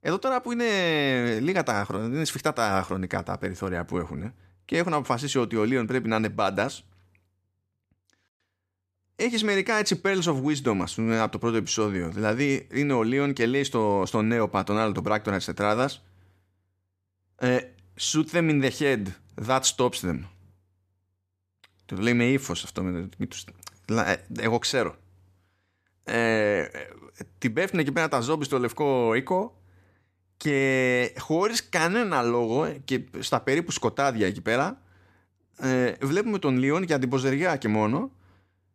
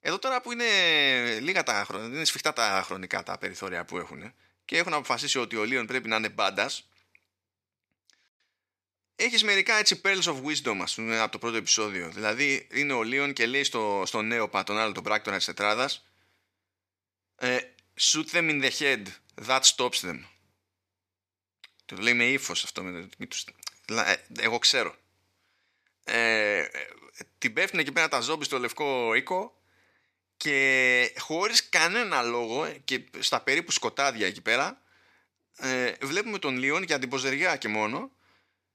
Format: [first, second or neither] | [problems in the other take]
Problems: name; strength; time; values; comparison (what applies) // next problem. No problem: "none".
first | thin; somewhat; fading below 650 Hz